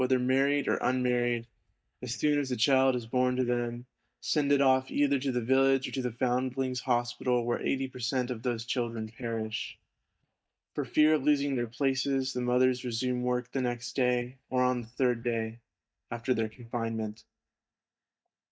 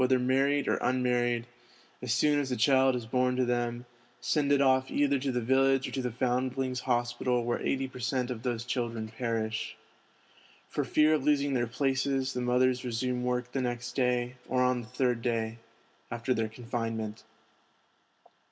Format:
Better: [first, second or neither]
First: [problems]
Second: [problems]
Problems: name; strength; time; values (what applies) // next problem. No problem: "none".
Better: second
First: noise reduction (neural mask model DeepFilterNet 3)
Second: none